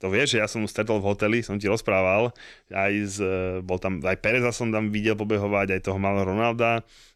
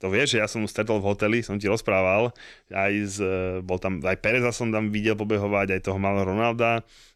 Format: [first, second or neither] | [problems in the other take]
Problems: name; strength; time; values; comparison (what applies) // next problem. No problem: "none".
neither | none